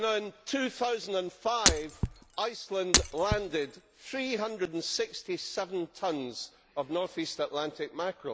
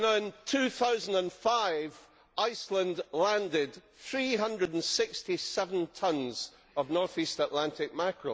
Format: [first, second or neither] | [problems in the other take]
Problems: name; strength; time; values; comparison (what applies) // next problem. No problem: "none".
second | background sound (Shatter); 2 dB above the speech